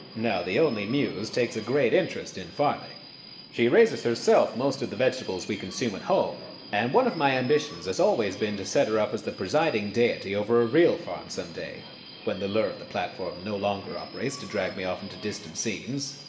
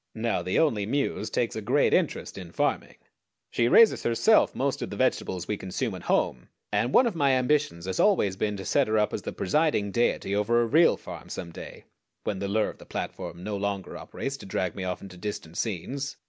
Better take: second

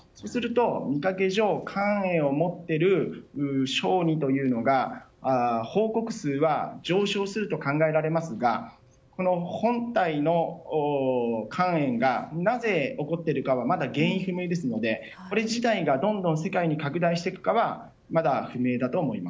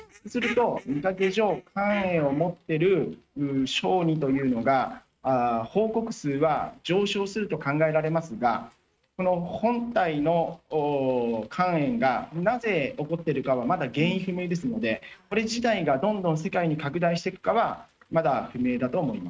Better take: first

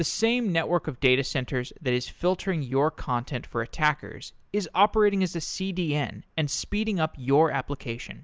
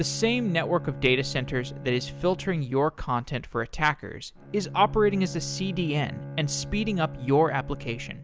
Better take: first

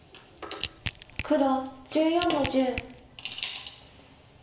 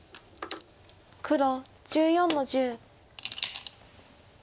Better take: second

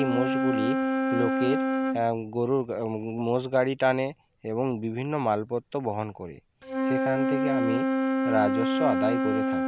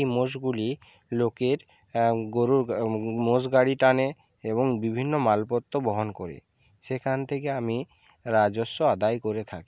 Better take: second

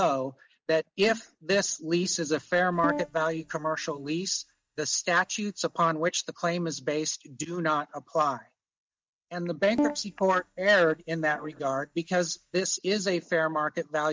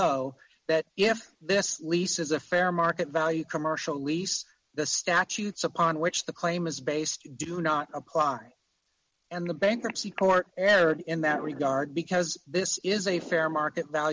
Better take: second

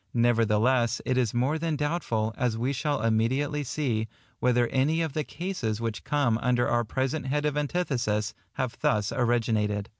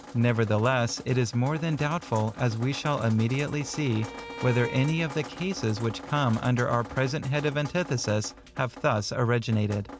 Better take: first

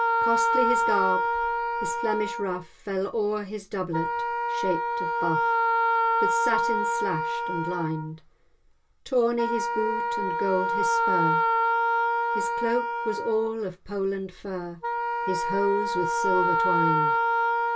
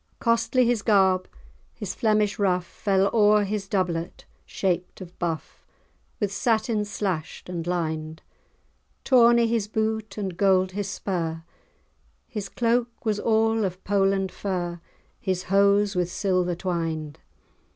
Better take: second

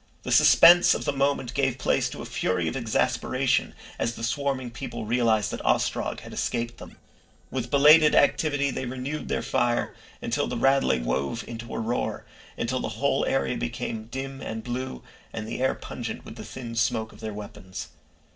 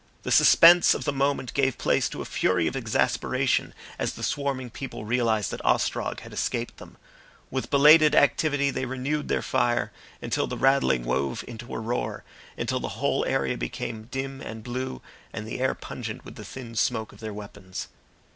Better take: second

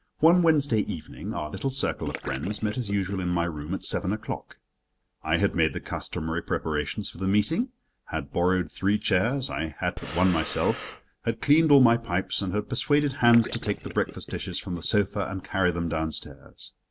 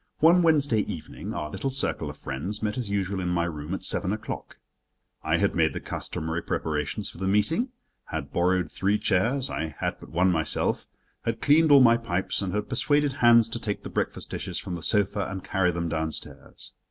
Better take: second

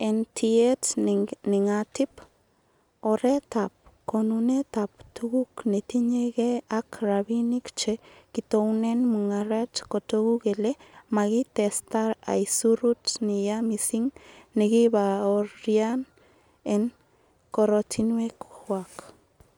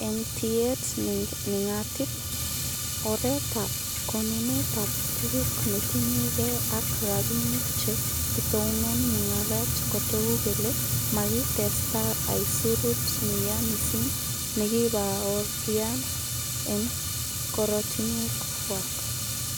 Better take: first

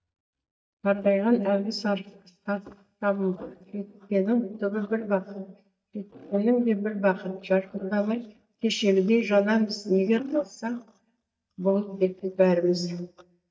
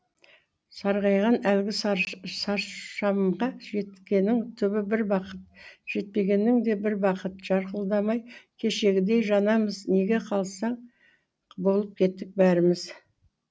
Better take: second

